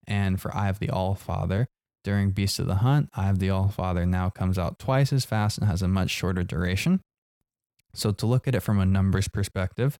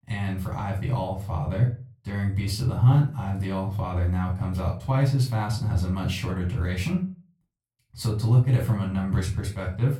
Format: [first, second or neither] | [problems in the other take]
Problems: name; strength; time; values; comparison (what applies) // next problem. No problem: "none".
first | off-mic speech; far // room echo; slight; dies away in 0.3 s